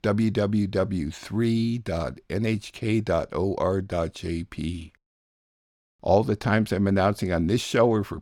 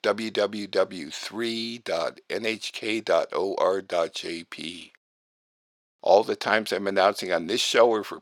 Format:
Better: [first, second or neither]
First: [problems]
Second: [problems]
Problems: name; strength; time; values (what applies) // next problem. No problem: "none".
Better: first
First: none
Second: thin; very; fading below 500 Hz